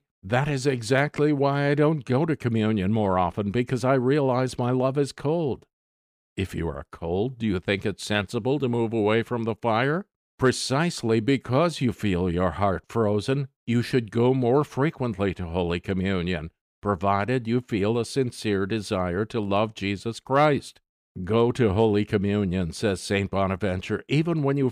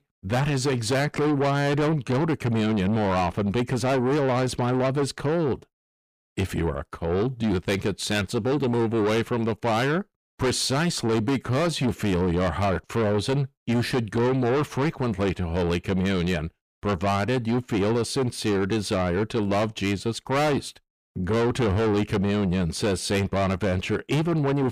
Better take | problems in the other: first | distortion; heavy; 7 dB below the speech

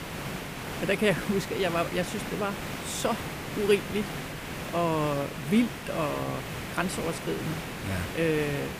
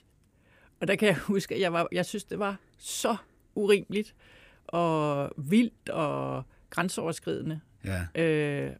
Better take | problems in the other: second | hiss; loud; throughout; 6 dB below the speech

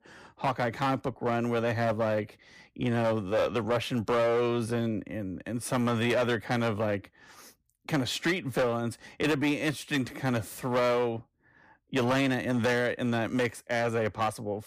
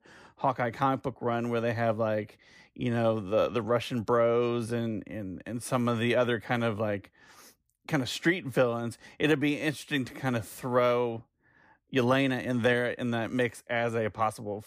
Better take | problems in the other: second | distortion; slight; 10% of the sound clipped

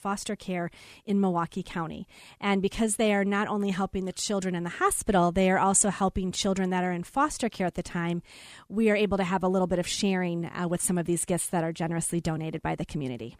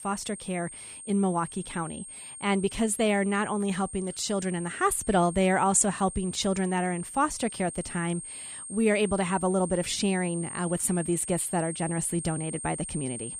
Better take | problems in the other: first | high-pitched whine; loud; throughout; 8.5 kHz, 10 dB below the speech

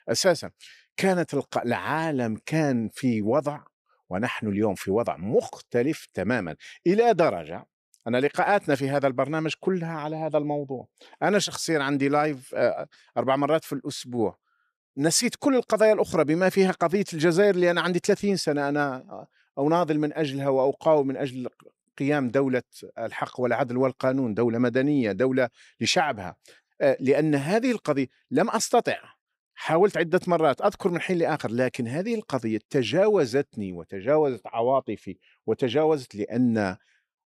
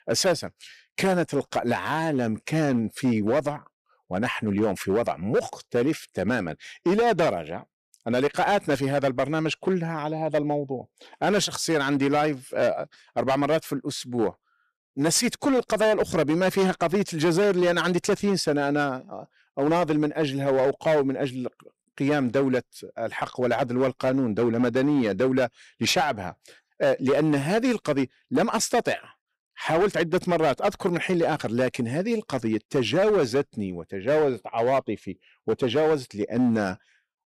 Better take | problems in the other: first | distortion; slight; 8% of the sound clipped

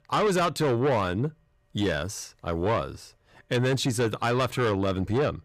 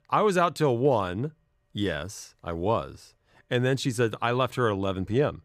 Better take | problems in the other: second | distortion; heavy; 8 dB below the speech

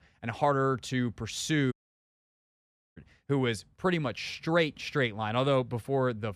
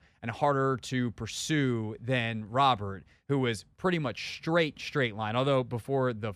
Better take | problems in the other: second | audio cutting out; at 1.5 s for 1 s

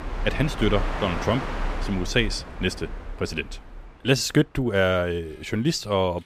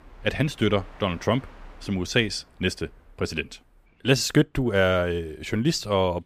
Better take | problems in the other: second | train or aircraft noise; loud; throughout; 8 dB below the speech; faint in the second

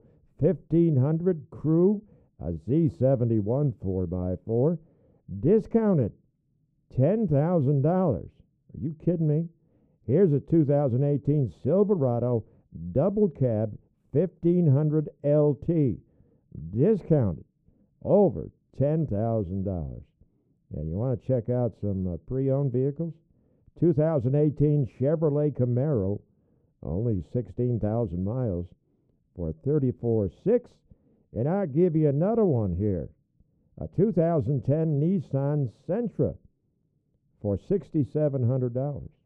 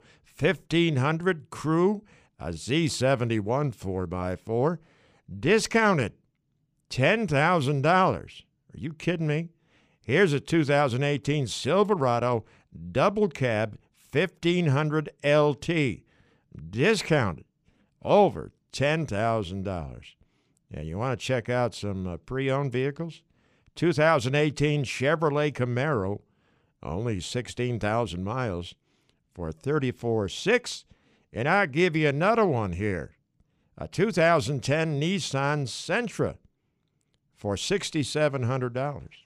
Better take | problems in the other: second | muffled; very; fading above 1 kHz

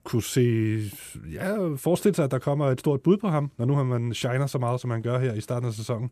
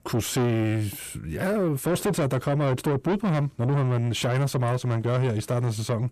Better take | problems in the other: first | distortion; heavy; 8 dB below the speech

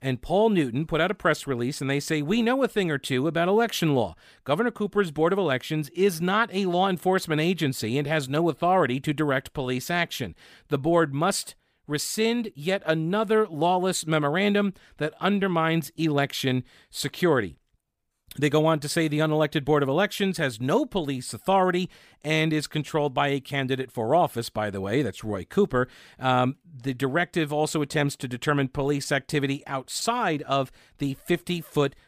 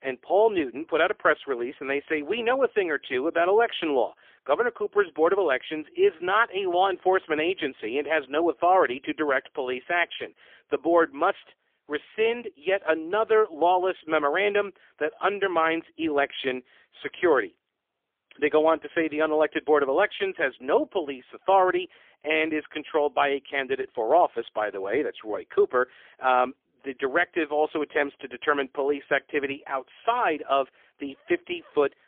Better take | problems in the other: first | phone-call audio; poor line; nothing above 3.5 kHz

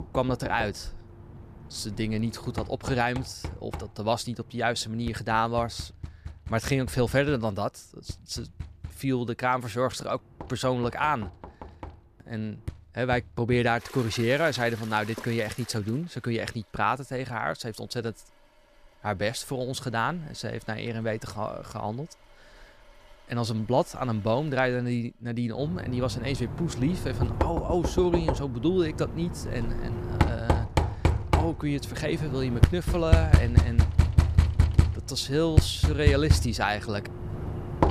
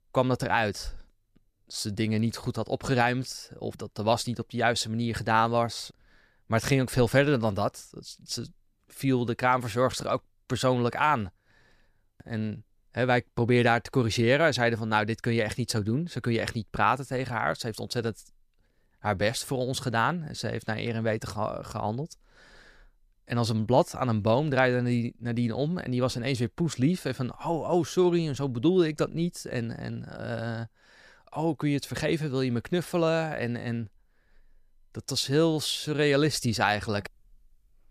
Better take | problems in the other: second | household noises; very loud; throughout; as loud as the speech

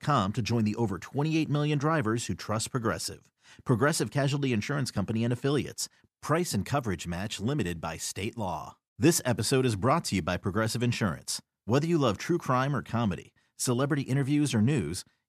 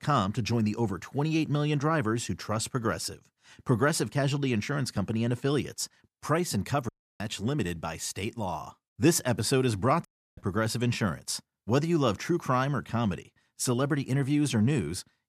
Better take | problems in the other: first | audio cutting out; at 7 s and at 10 s

